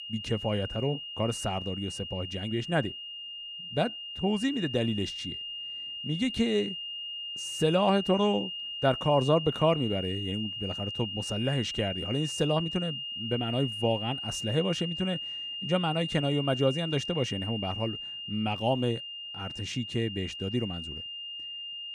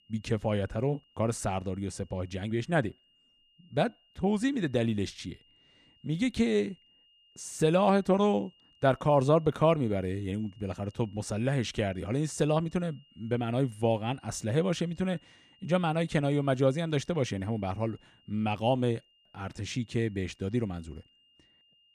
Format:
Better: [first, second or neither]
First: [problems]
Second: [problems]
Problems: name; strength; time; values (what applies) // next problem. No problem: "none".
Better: second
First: high-pitched whine; loud; throughout; 3 kHz, 5 dB below the speech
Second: high-pitched whine; faint; throughout; 3 kHz, 30 dB below the speech